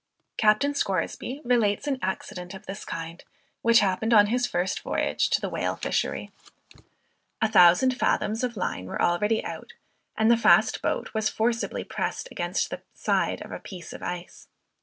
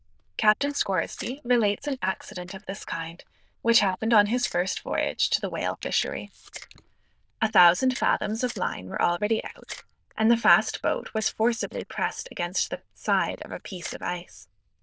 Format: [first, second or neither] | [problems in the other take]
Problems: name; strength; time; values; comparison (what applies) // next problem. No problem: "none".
first | noise reduction (neural diffusion model UNIVERSE++)